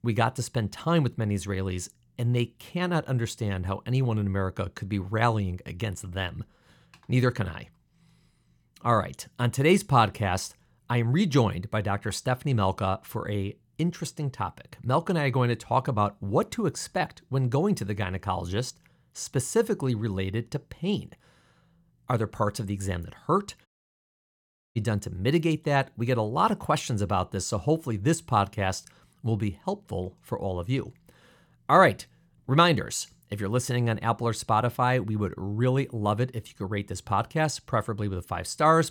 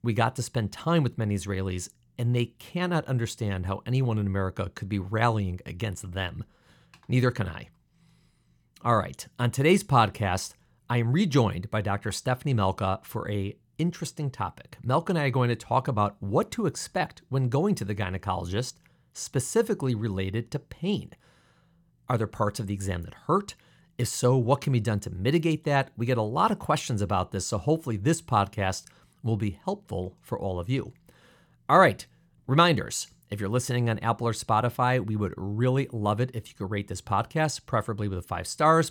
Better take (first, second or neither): second